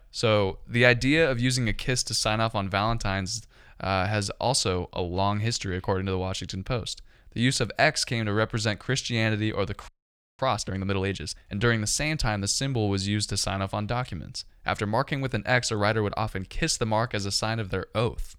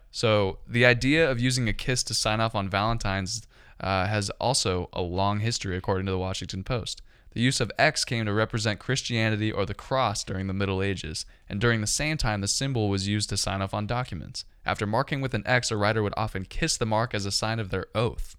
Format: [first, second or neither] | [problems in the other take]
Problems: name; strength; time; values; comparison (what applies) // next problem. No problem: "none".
second | audio freezing; at 10 s for 0.5 s